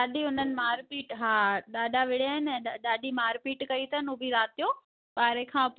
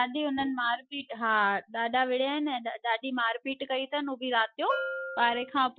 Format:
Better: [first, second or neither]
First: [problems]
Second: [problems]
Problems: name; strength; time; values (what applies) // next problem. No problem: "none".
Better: first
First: none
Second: noise reduction (classical method Wiener filter)